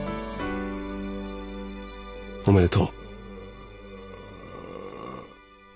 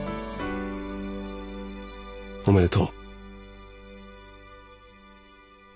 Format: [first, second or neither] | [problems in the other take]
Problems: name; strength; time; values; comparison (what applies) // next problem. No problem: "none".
second | background sound (Burping, eructation); 15 dB below the speech